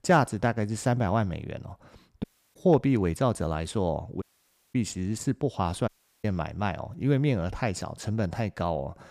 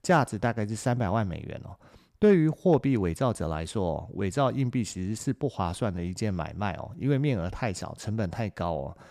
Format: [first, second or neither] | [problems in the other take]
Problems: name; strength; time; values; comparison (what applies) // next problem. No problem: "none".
second | audio cutting out; at 2 s, at 4 s for 0.5 s and at 6 s